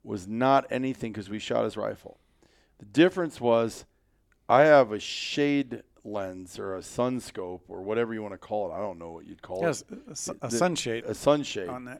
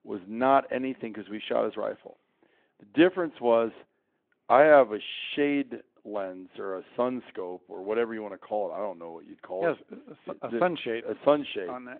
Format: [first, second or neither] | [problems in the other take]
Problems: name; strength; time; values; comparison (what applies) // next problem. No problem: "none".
first | phone-call audio